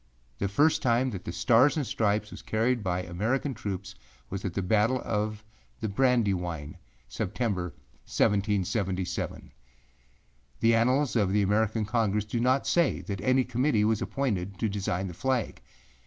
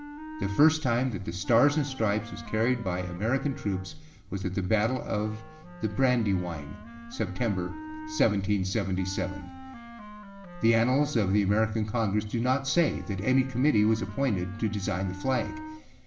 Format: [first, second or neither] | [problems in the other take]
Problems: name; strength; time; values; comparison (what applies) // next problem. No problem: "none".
first | background sound (Wind instrument, woodwind instrument); 16 dB below the speech // room echo; dies away in 1.3 s